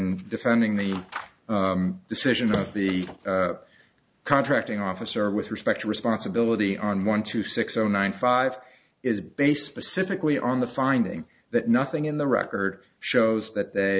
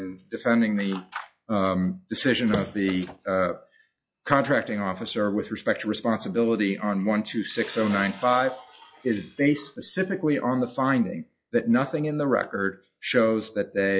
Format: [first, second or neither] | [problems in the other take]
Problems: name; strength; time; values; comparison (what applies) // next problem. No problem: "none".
first | noise reduction (classical method log-MMSE)